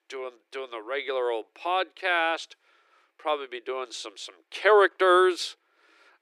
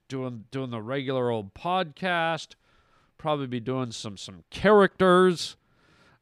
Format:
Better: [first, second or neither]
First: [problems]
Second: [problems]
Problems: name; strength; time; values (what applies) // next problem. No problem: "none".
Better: second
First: thin; very; fading below 300 Hz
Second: none